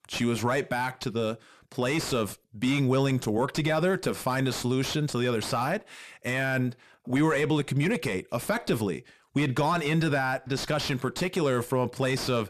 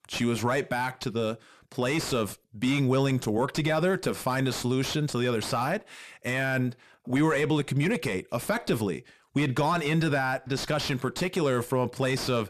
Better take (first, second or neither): neither